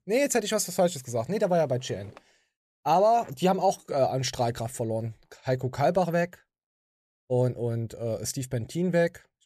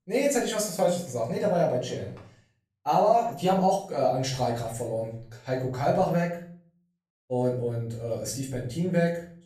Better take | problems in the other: first | room echo; slight; dies away in 0.4 s // off-mic speech; far

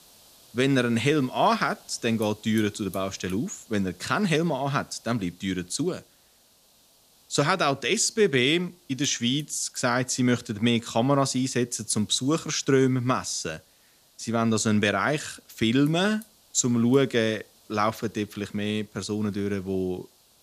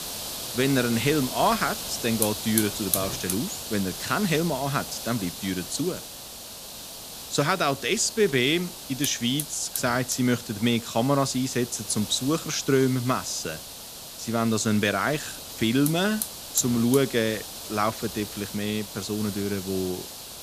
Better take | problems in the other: first | hiss; loud; throughout; 7 dB below the speech; faint in the first

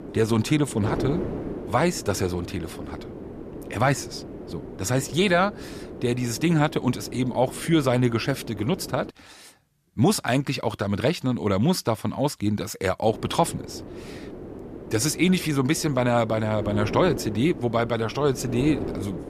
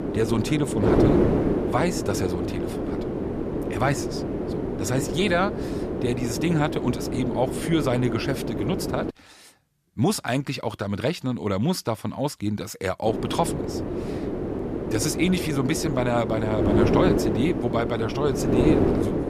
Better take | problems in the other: first | wind noise on the microphone; heavy; until 9 s and from 13 s on; 1 dB below the speech; occasional gusts in the first

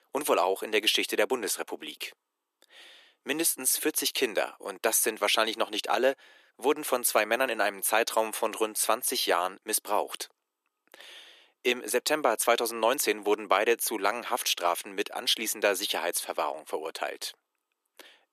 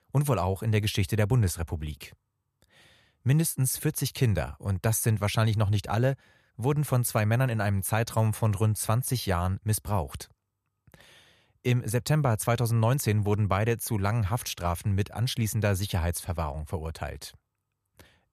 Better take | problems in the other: second | thin; very; fading below 300 Hz

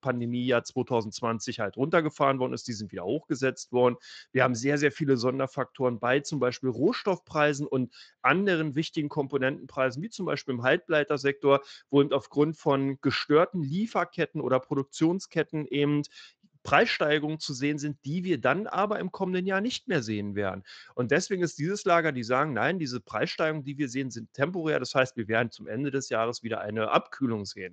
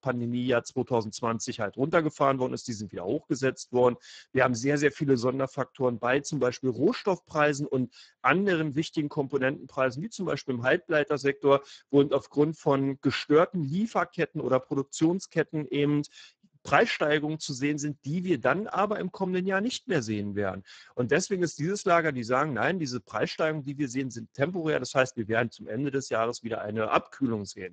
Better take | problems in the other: first | garbled, watery; badly; nothing above 7.5 kHz; slightly in the first

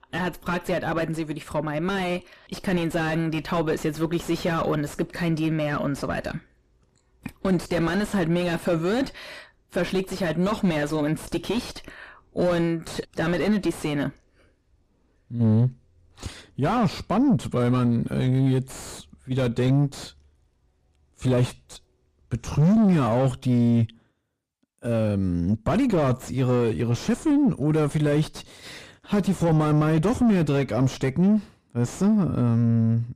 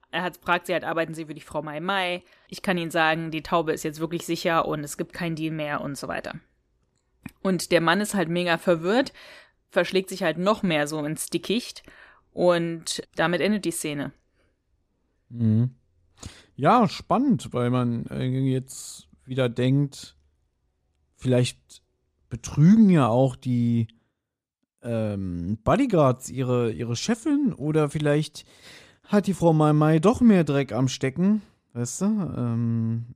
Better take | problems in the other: second | distortion; heavy; 5 dB below the speech

